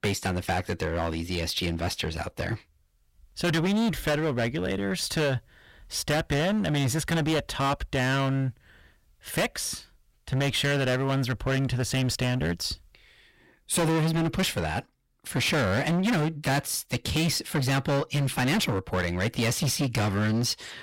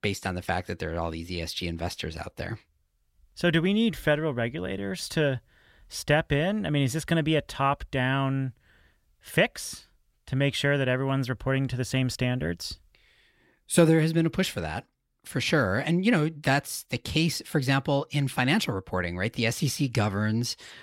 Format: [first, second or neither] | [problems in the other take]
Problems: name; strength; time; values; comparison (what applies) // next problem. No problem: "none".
second | distortion; heavy; 19% of the sound clipped